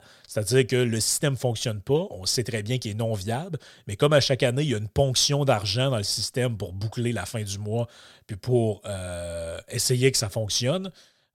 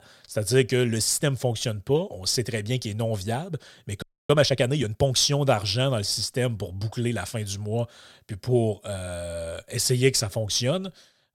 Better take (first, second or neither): first